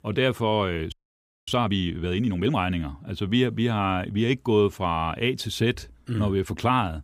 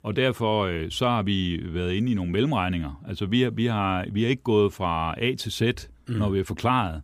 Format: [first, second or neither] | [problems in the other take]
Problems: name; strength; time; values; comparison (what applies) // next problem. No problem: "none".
second | audio freezing; at 1 s for 0.5 s